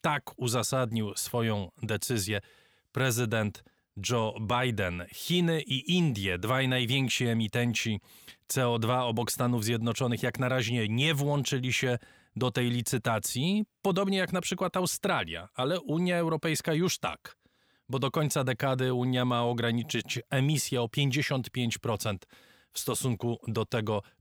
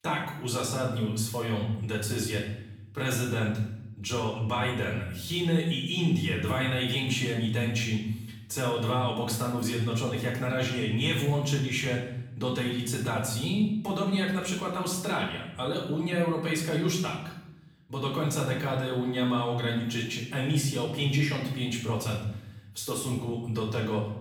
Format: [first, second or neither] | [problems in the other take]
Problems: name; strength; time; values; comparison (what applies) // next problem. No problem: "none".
first | off-mic speech; far // room echo; noticeable; dies away in 0.8 s